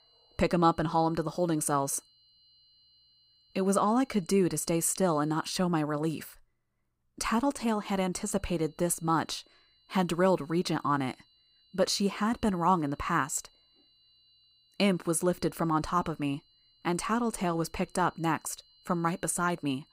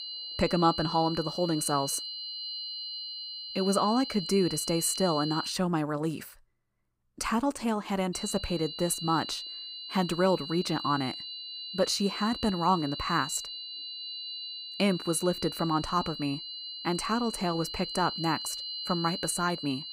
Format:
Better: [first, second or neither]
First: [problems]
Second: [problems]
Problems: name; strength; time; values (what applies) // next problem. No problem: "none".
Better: first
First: high-pitched whine; faint; until 5.5 s and from 8 s on; 4 kHz, 30 dB below the speech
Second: high-pitched whine; loud; until 5.5 s and from 8 s on; 4 kHz, 7 dB below the speech